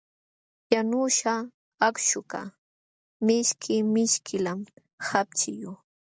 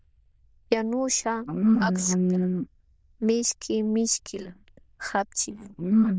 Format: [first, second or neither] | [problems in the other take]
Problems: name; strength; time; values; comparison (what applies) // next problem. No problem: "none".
first | noise reduction (neural diffusion model UNIVERSE++)